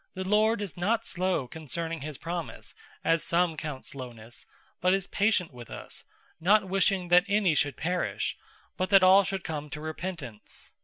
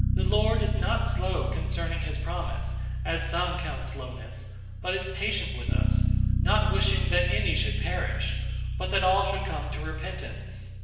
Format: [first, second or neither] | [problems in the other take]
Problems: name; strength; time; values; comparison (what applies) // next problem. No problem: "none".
first | background sound (Bass guitar); 5 dB above the speech // room echo; dies away in 1.3 s